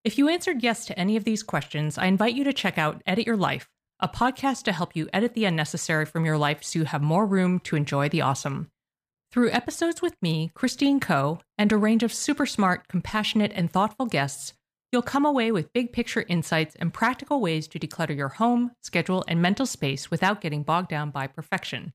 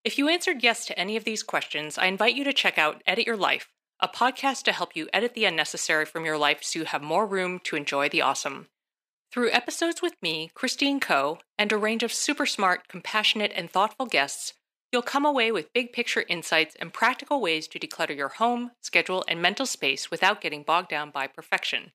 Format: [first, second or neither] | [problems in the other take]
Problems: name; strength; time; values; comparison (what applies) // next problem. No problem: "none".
first | thin; somewhat; fading below 350 Hz